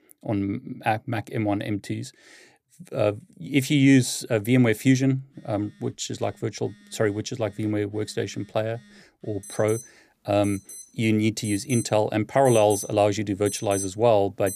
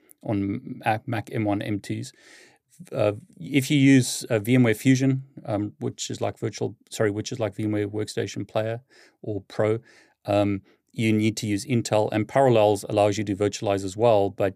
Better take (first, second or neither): second